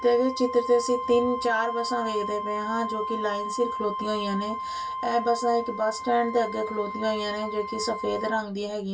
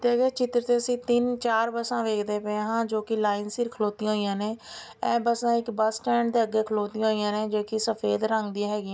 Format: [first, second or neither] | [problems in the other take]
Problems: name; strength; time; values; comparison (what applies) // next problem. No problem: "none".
second | background sound (Wind instrument, woodwind instrument); 6 dB below the speech // room echo; dies away in 0.1 s